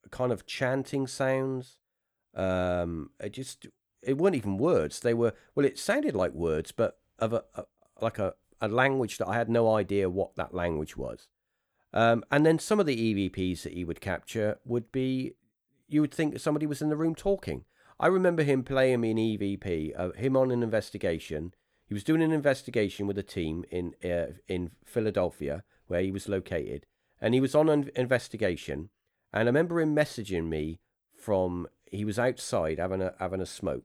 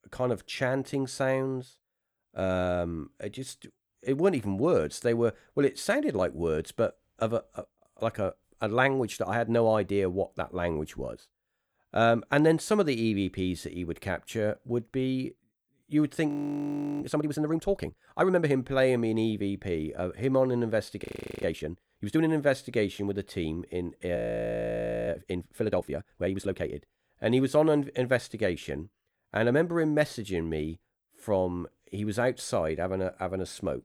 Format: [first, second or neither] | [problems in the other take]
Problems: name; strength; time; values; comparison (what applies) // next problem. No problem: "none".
first | audio freezing; at 16 s for 0.5 s, at 21 s and at 24 s for 1 s